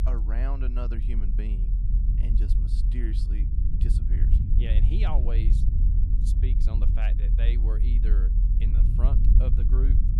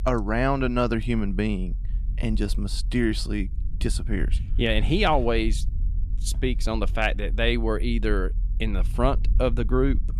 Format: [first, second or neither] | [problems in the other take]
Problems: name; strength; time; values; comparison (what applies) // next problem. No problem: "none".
second | low rumble; loud; throughout; 2 dB below the speech; faint in the second